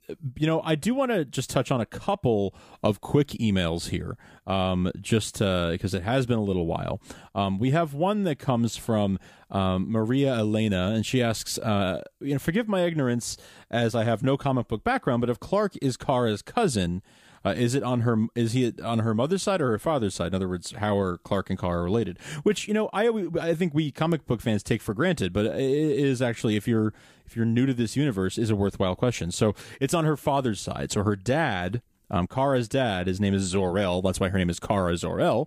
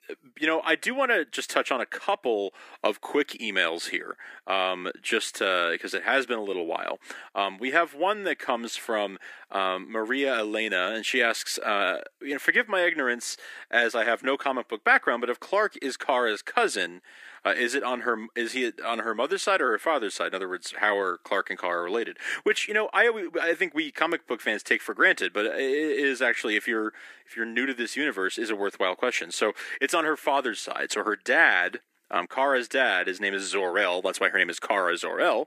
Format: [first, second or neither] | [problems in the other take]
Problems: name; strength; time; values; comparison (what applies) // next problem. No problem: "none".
first | thin; very; fading below 300 Hz